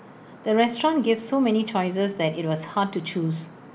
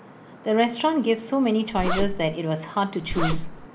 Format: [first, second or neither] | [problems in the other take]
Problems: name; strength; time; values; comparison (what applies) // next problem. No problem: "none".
first | background sound (Zipper (clothing)); 1 dB below the speech